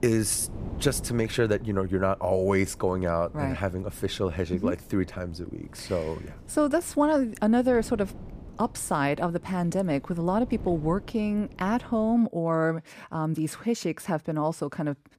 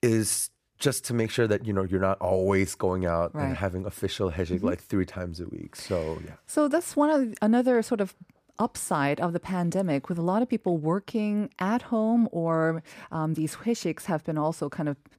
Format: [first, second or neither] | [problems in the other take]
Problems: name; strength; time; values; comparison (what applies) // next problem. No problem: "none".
second | wind noise on the microphone; occasional gusts; until 12 s; 25 dB below the speech